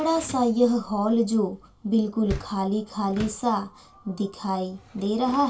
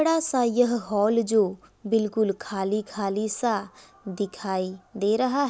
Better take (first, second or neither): second